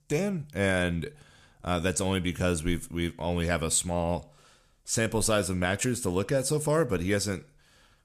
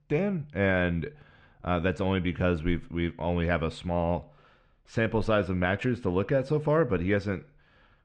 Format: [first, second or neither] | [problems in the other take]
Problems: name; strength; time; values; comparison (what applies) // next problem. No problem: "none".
first | muffled; very; fading above 2.5 kHz